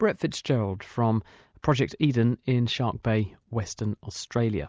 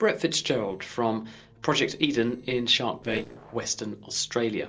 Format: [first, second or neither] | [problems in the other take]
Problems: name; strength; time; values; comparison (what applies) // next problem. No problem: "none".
first | noise reduction (neural separator model SepFormer DNS4)